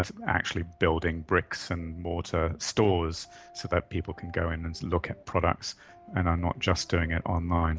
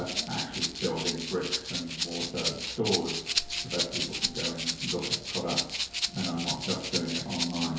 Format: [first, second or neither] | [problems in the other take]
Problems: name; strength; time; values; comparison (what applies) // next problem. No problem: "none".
first | background sound (Rattle (instrument)); 1 dB above the speech // room echo; dies away in 1 s